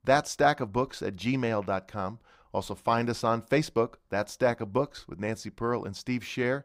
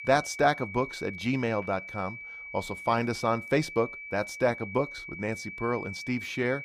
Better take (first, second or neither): first